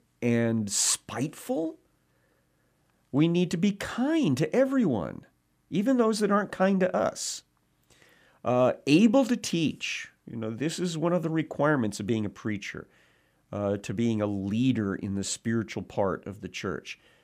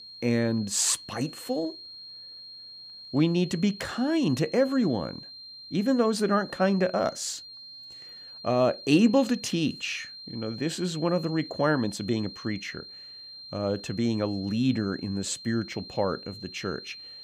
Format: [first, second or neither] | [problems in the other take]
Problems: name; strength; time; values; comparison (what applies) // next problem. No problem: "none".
first | high-pitched whine; noticeable; throughout; 4 kHz, 15 dB below the speech